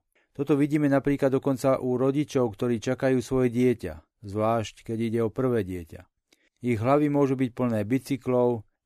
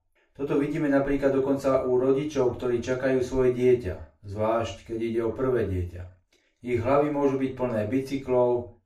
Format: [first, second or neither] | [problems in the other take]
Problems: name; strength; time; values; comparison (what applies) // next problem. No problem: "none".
first | room echo; slight; dies away in 0.4 s // off-mic speech; far